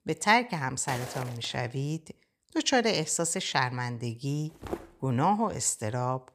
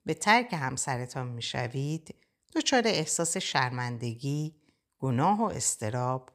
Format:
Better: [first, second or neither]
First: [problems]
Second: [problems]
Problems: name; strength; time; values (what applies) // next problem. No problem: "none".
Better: second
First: footsteps; noticeable; at 1 s; peak 9 dB below the speech // footsteps; faint; at 4.5 s; peak 10 dB below the speech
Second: none